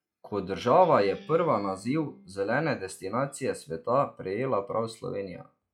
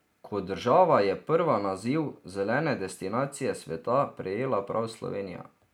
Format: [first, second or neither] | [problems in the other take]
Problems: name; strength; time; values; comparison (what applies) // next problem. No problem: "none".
second | noise reduction (classical method log-MMSE)